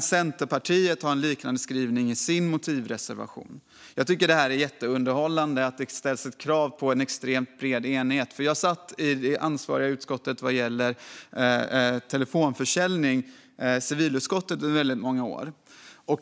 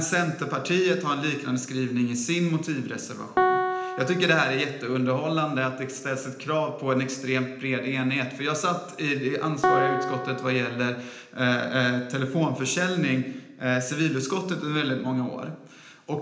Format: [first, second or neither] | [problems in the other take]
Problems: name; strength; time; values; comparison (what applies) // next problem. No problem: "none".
first | background sound (Piano); 3 dB below the speech // room echo; dies away in 0.9 s